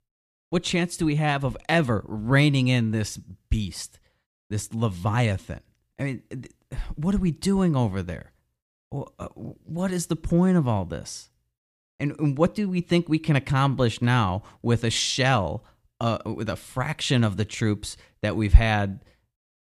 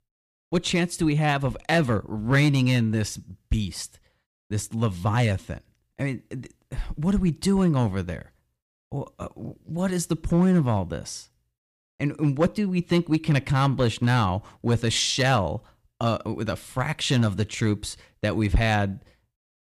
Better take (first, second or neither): first